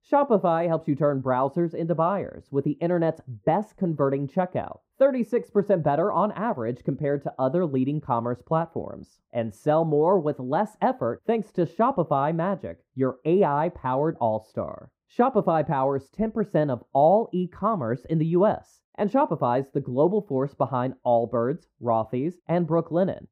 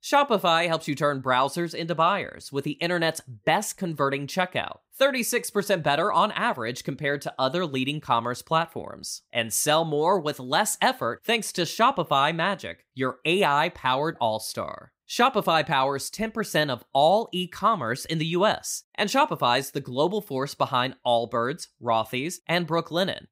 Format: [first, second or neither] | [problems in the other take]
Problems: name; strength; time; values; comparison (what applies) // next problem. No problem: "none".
second | muffled; very; fading above 2 kHz